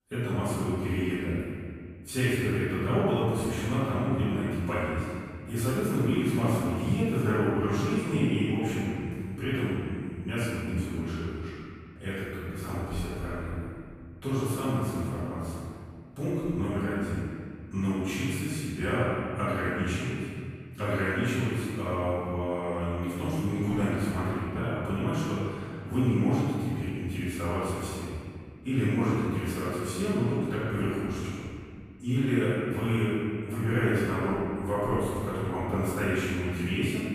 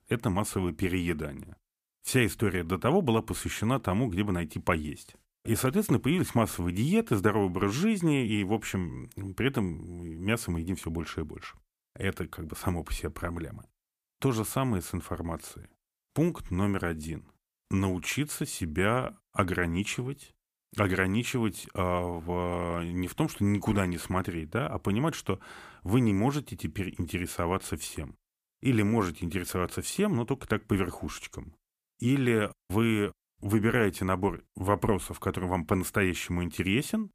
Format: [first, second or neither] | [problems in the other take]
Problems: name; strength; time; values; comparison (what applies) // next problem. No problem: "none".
second | off-mic speech; far // room echo; strong; dies away in 2 s